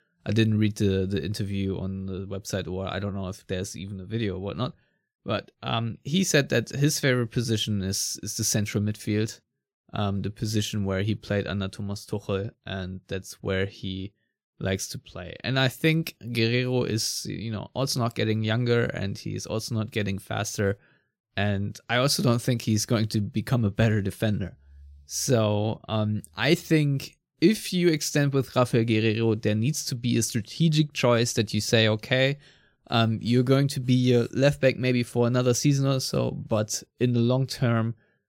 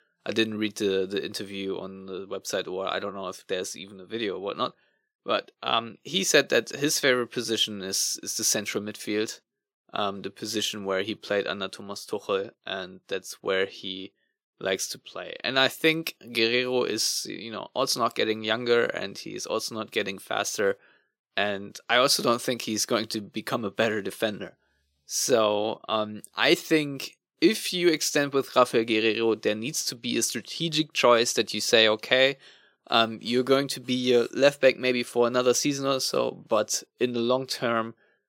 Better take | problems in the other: first | thin; somewhat; fading below 400 Hz

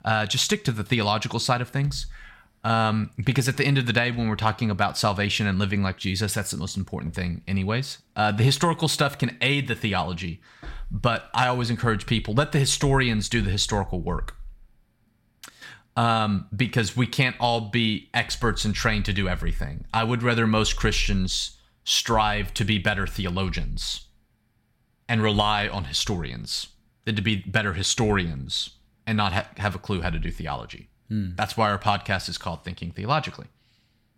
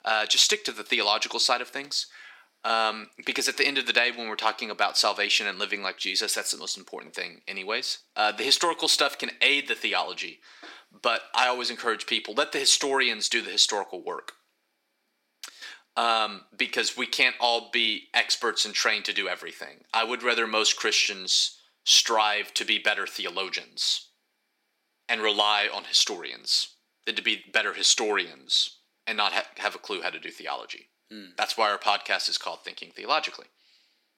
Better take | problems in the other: first | thin; very; fading below 300 Hz

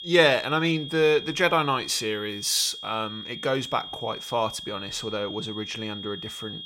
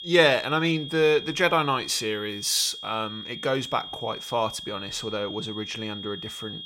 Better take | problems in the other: neither | high-pitched whine; noticeable; throughout; 3.5 kHz, 10 dB below the speech; the same in both

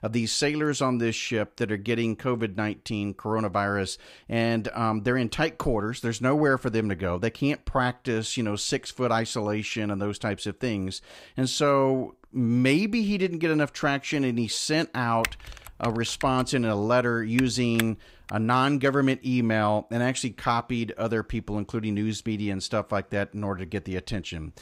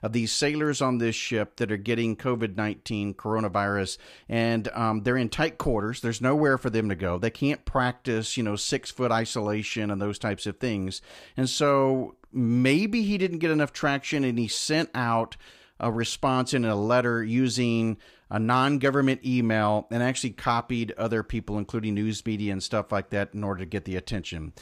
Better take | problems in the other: second | keyboard typing; noticeable; from 15 to 18 s; peak 6 dB below the speech

